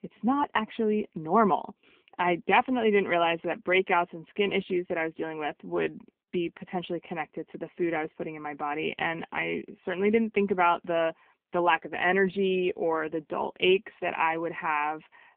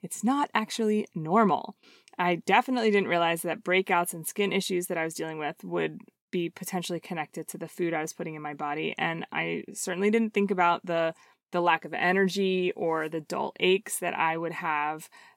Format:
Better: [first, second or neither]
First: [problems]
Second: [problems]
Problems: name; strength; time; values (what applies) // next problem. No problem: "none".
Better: second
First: phone-call audio; nothing above 3 kHz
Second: none